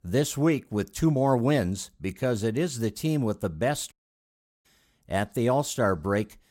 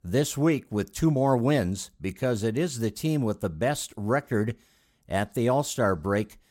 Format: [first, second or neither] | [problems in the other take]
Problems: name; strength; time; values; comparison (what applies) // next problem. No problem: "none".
second | audio cutting out; at 4 s for 0.5 s